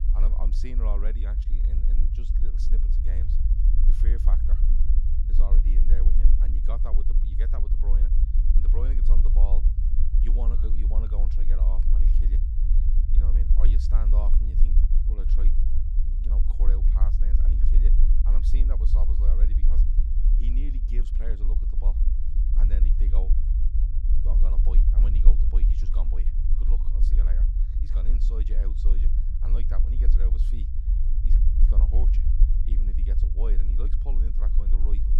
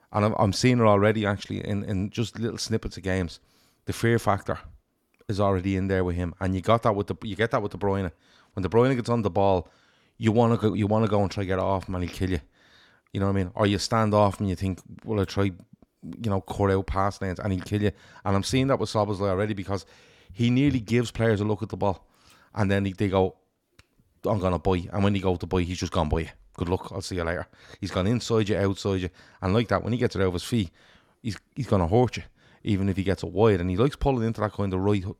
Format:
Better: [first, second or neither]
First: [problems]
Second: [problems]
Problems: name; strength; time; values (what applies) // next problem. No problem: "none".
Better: second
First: low rumble; loud; throughout; 1 dB below the speech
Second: none